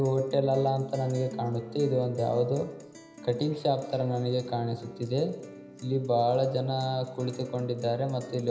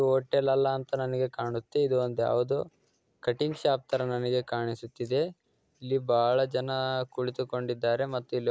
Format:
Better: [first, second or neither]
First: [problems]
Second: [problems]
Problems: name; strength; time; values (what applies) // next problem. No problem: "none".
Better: second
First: background sound (Guitar); 17 dB below the speech // room echo; dies away in 0.9 s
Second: none